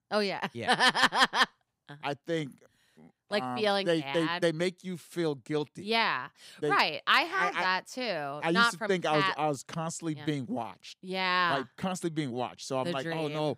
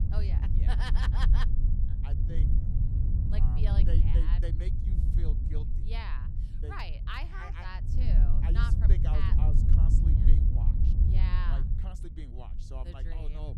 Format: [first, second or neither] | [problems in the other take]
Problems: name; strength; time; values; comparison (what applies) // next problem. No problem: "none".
first | low rumble; loud; throughout; 2 dB below the speech